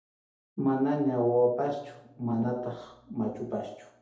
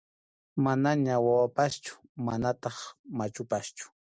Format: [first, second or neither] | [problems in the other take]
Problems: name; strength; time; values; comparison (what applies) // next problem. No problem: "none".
second | room echo; dies away in 2.1 s